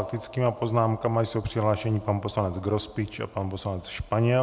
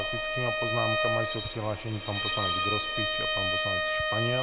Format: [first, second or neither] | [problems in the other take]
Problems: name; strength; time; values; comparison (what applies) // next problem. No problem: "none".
first | background sound (Bowed string instrument); 4 dB above the speech